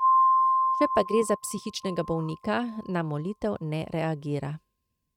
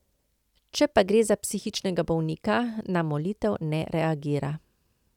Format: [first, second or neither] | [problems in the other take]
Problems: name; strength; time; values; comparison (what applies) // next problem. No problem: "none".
second | noise reduction (neural mask model RNNoise)